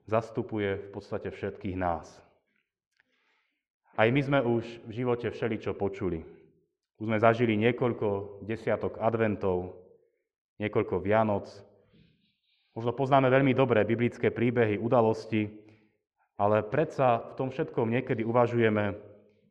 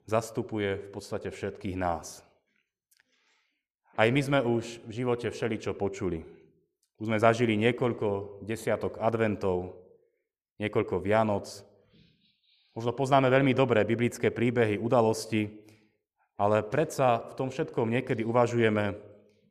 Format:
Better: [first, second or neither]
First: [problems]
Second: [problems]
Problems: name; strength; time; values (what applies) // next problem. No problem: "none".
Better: second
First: muffled; slightly; fading above 3 kHz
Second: none